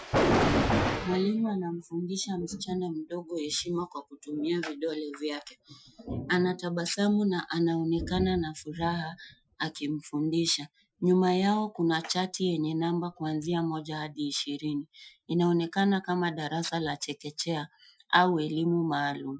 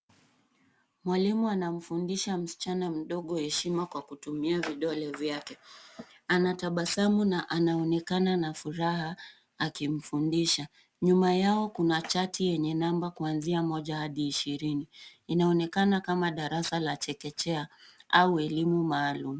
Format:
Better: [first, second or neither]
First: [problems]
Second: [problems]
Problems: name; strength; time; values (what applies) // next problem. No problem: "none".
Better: second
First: noise reduction (classical method Wiener filter)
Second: none